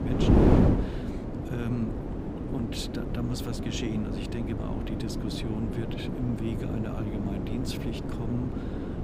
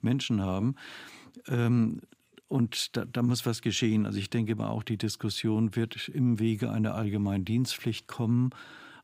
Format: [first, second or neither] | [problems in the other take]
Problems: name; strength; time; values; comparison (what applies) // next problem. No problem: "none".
second | wind noise on the microphone; heavy; 4 dB above the speech